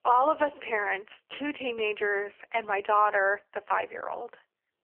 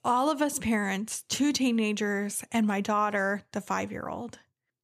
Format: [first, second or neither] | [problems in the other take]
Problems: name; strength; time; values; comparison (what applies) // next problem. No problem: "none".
second | phone-call audio; poor line; nothing above 3 kHz